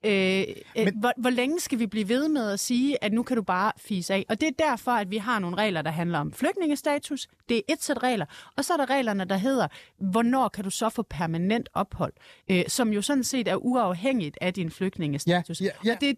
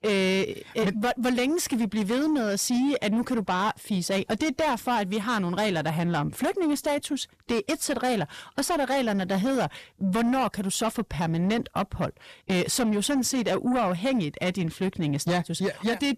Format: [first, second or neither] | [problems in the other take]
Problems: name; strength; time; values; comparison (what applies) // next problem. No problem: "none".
first | distortion; slight; 10 dB below the speech